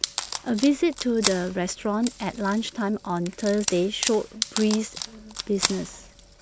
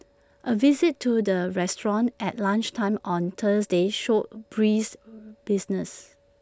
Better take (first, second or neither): second